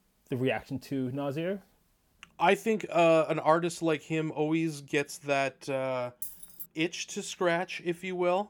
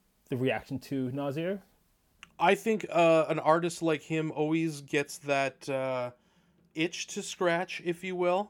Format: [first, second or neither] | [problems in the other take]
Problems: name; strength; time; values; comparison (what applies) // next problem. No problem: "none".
second | jangling keys; noticeable; at 6 s; peak 9 dB below the speech